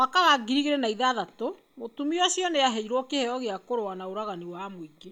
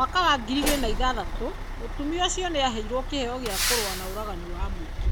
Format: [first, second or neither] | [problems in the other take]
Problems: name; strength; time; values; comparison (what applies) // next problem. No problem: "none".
first | background sound (Truck); 1 dB below the speech